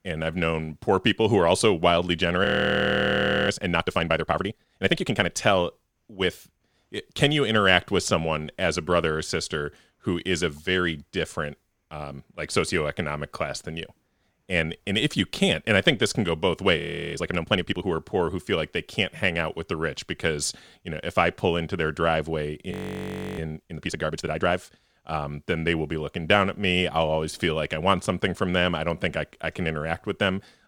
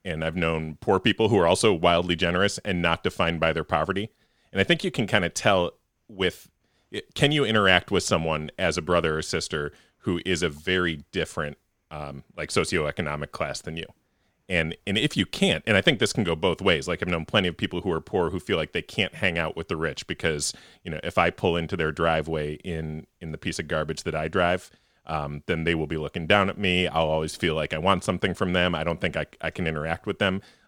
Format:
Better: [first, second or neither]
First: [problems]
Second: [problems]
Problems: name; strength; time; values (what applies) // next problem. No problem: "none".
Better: second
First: audio freezing; at 2.5 s for 1 s, at 17 s and at 23 s for 0.5 s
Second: none